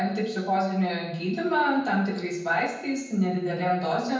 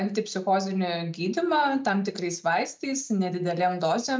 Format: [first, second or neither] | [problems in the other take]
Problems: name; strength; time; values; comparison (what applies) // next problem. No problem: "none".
second | room echo; dies away in 0.9 s